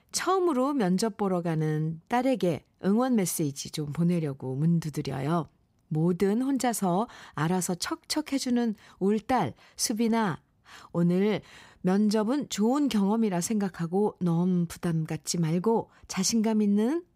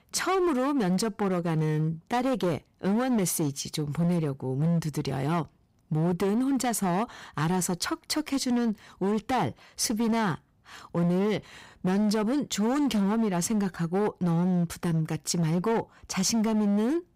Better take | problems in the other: first | distortion; slight; 18% of the sound clipped

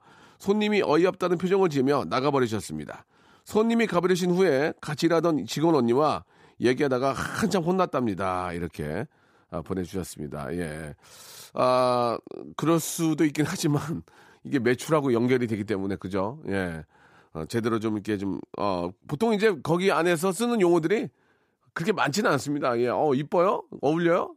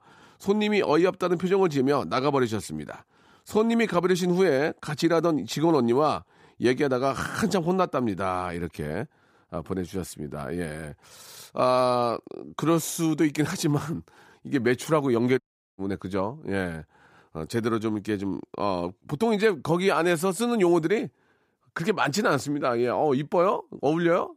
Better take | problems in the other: first | audio cutting out; at 15 s

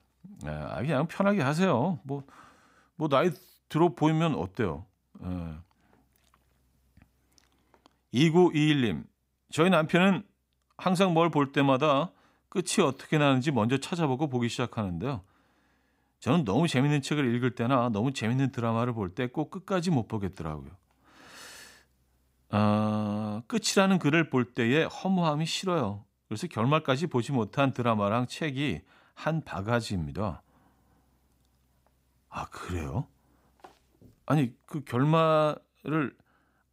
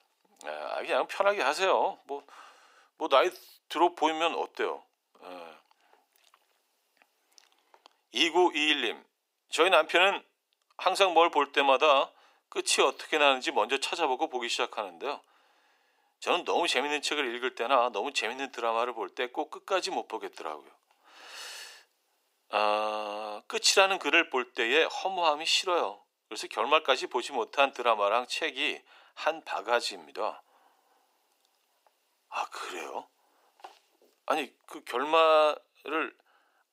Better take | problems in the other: first | thin; very; fading below 400 Hz

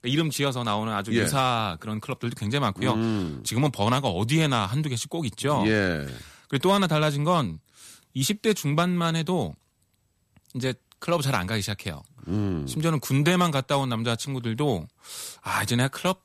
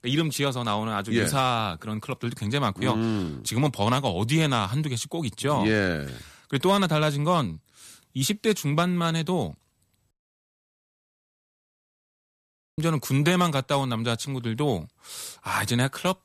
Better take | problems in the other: first | audio cutting out; at 10 s for 2.5 s

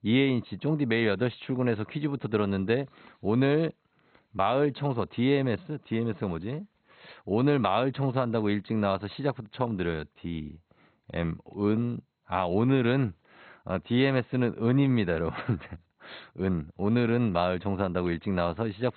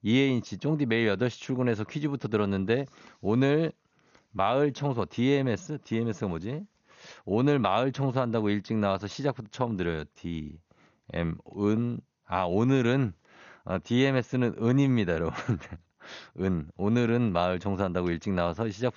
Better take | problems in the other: second | garbled, watery; badly; nothing above 4 kHz; slightly in the second

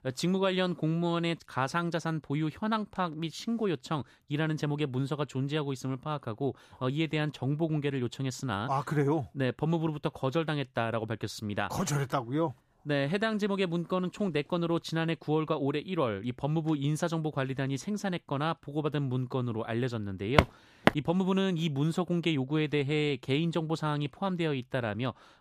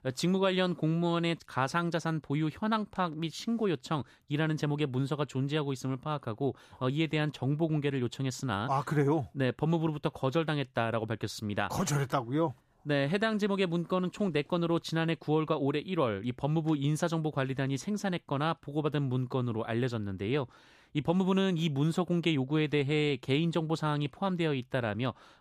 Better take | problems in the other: second | footsteps; loud; at 20 s; peak 4 dB above the speech

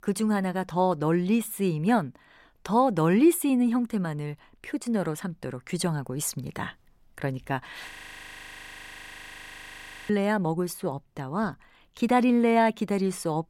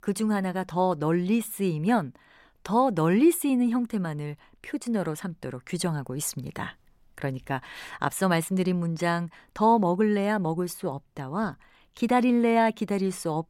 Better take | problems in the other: second | audio freezing; at 8 s for 2 s

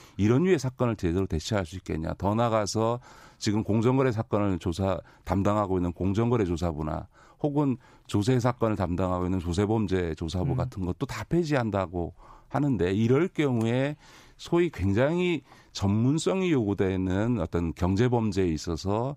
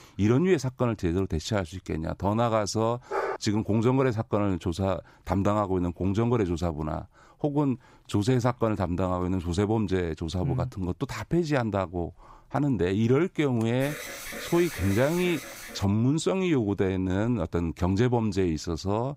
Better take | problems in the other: first | dog barking; noticeable; at 3 s; peak 4 dB below the speech // alarm; noticeable; from 14 to 16 s; peak 9 dB below the speech

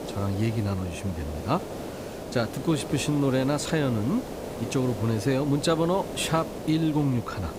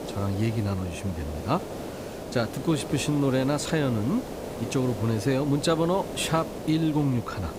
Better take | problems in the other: neither | hiss; loud; throughout; 9 dB below the speech; the same in both

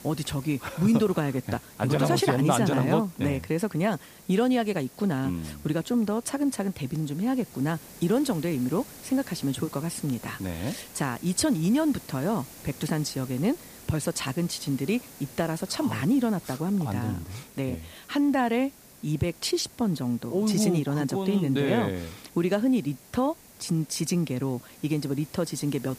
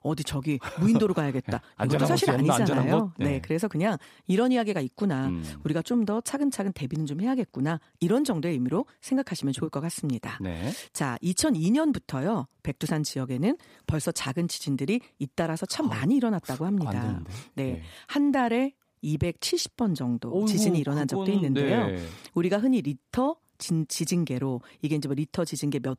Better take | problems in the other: second | hiss; noticeable; throughout; 20 dB below the speech

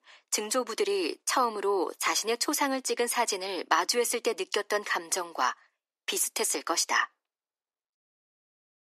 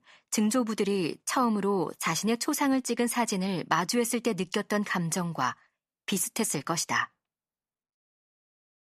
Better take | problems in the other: second | thin; somewhat; fading below 300 Hz

